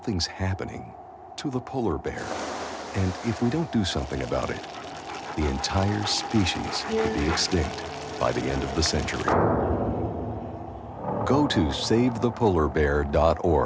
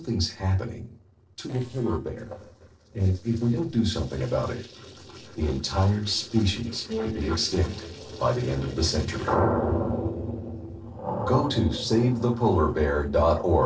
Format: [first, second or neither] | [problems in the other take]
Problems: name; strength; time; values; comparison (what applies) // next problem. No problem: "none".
first | noise reduction (neural separator model SepFormer DNS4)